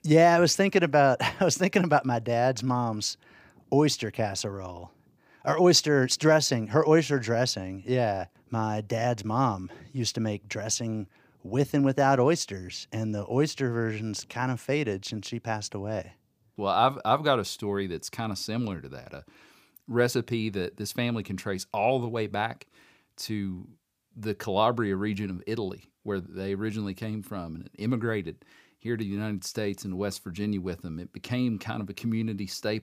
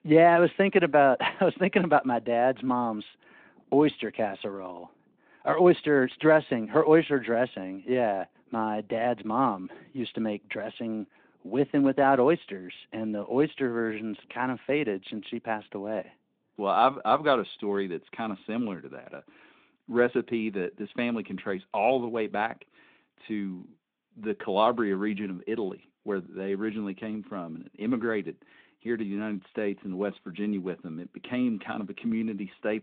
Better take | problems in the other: first | phone-call audio; nothing above 3.5 kHz

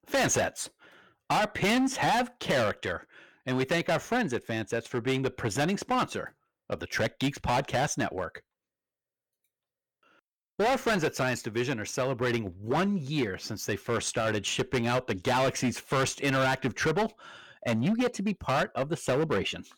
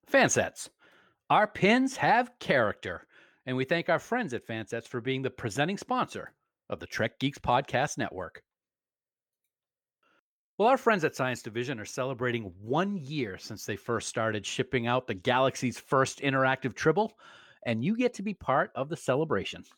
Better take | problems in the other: second | distortion; heavy; 12% of the sound clipped

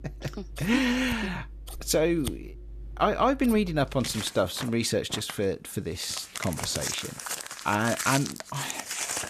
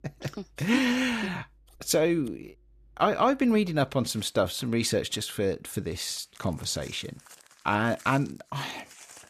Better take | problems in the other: second | household noises; loud; throughout; 8 dB below the speech; faint in the second

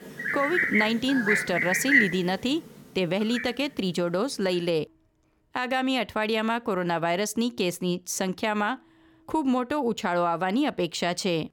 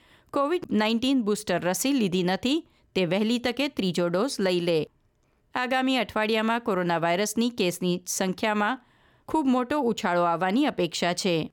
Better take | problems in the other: second | animal sounds; very loud; throughout; 1 dB above the speech

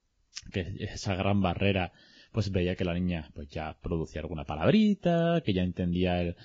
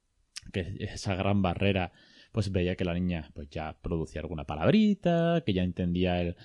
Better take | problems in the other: second | garbled, watery; badly; slightly in the second

